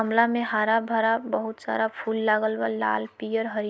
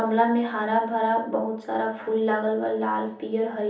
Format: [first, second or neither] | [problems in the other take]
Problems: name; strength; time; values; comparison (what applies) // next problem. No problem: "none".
first | room echo; dies away in 1.2 s